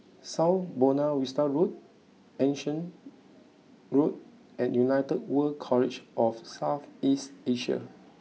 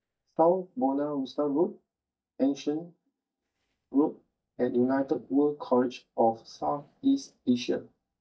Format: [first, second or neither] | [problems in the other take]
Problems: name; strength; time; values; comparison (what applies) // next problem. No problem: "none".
first | noise reduction (neural mask model DeepFilterNet 3)